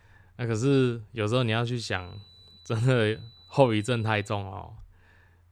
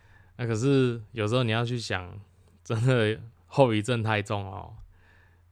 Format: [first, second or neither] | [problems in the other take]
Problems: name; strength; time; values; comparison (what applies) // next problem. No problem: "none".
second | high-pitched whine; faint; from 2 to 4.5 s; 4 kHz, 25 dB below the speech